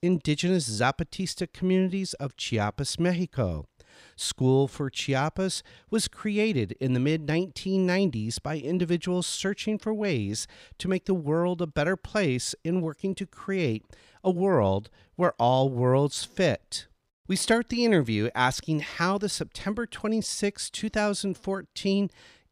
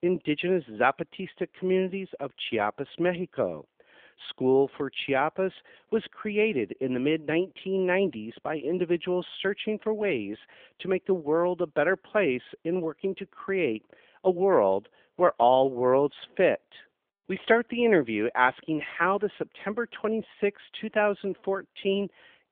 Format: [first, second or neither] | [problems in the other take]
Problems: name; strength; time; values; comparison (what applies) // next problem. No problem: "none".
first | phone-call audio; nothing above 3.5 kHz